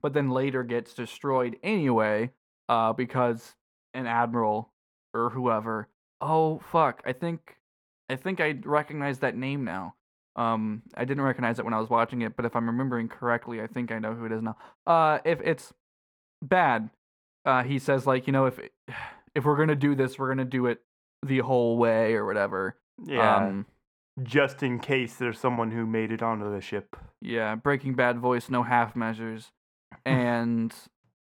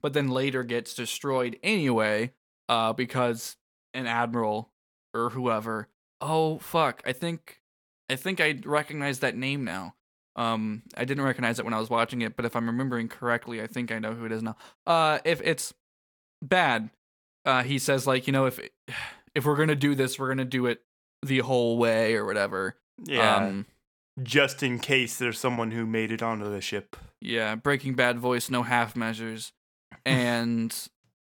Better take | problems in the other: second | muffled; slightly; fading above 2.5 kHz

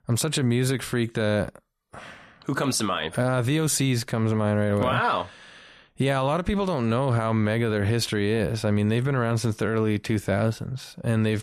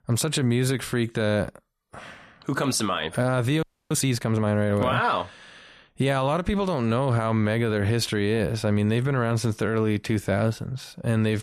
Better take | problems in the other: first | audio freezing; at 3.5 s

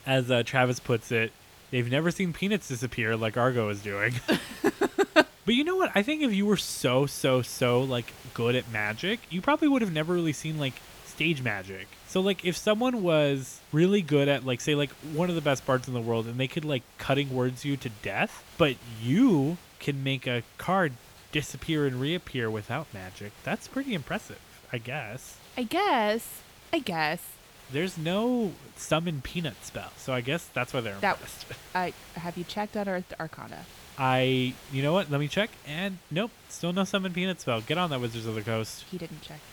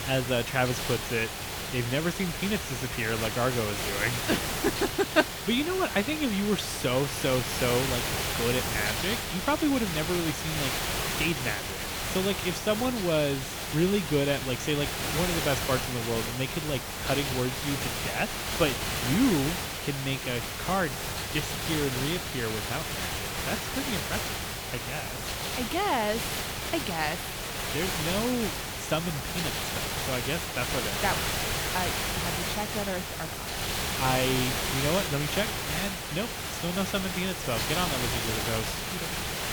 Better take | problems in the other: first | hiss; loud; throughout; as loud as the speech; faint in the first

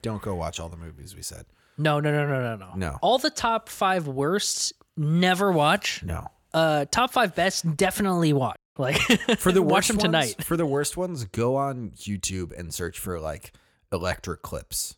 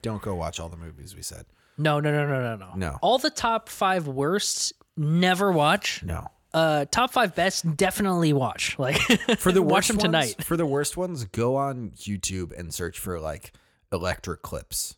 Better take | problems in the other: second | audio cutting out; at 8.5 s

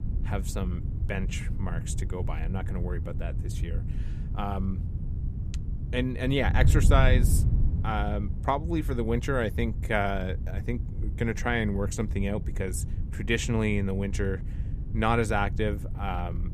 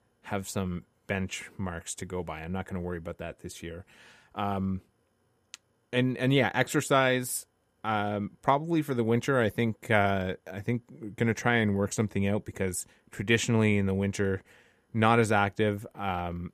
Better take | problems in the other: second | wind noise on the microphone; occasional gusts; 15 dB below the speech

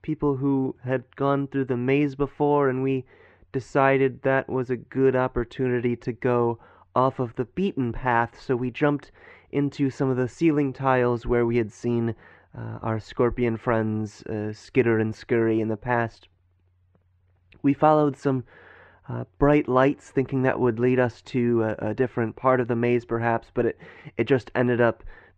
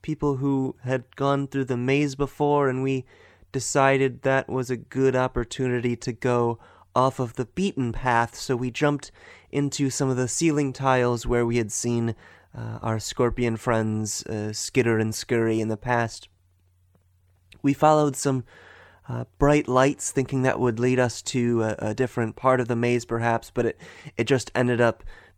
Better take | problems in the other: second | muffled; very; fading above 2 kHz

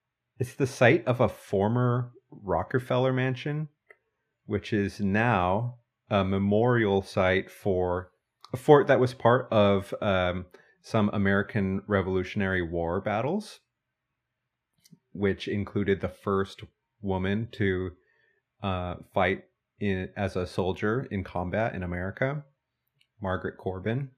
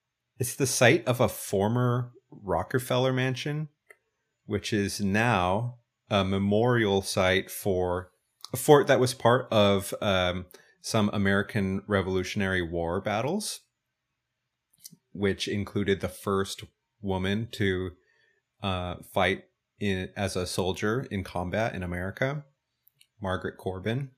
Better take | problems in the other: second | muffled; slightly; fading above 4 kHz

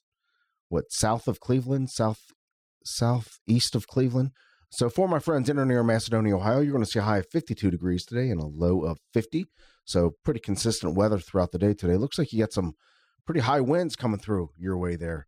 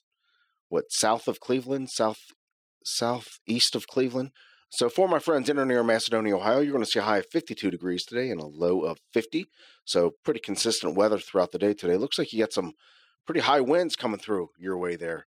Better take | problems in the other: first | thin; somewhat; fading below 350 Hz

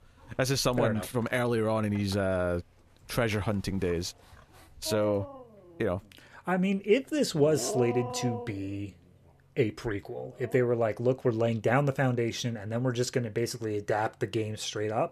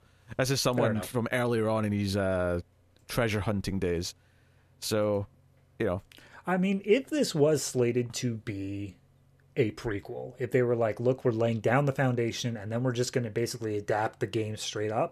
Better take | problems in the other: second | animal sounds; noticeable; until 10 s; 10 dB below the speech

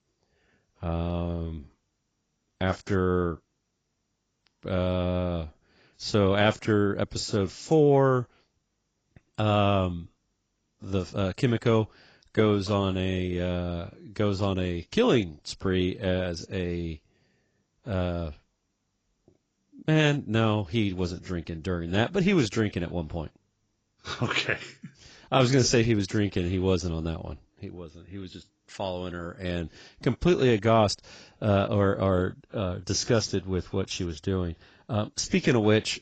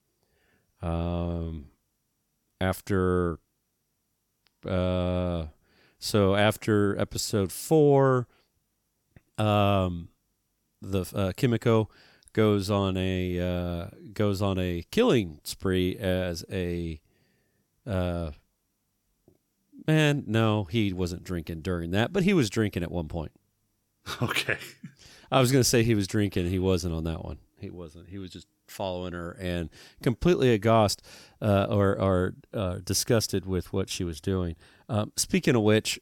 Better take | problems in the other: second | garbled, watery; badly; nothing above 7.5 kHz

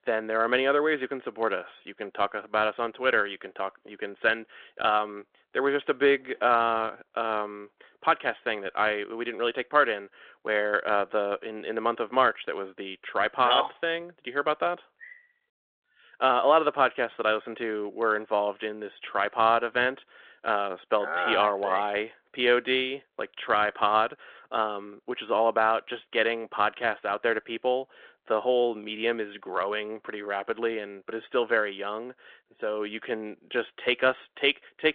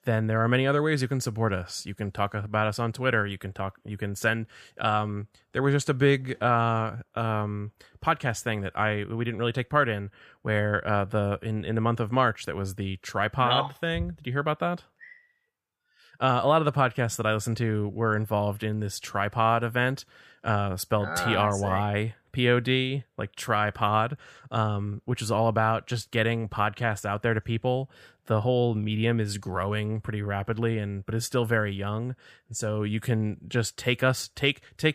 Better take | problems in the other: second | phone-call audio; nothing above 3.5 kHz

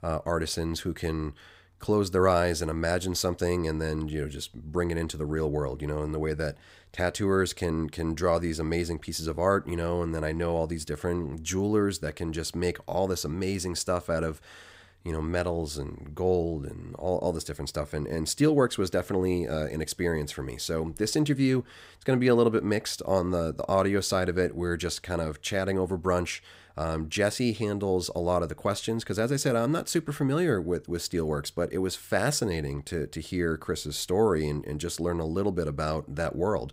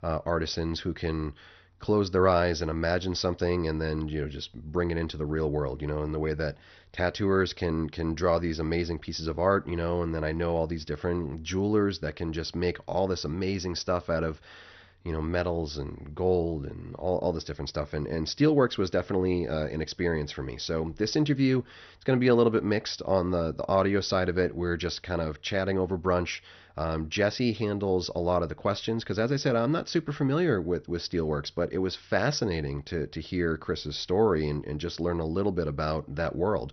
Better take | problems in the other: first | garbled, watery; slightly; nothing above 6 kHz

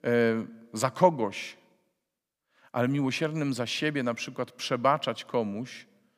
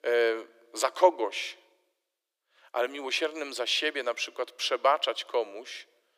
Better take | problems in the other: first | thin; very; fading below 350 Hz

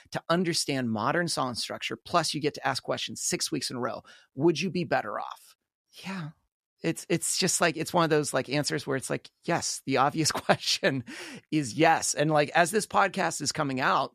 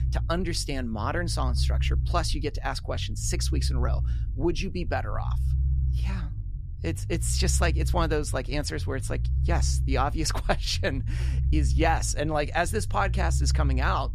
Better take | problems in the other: first | low rumble; noticeable; throughout; 15 dB below the speech

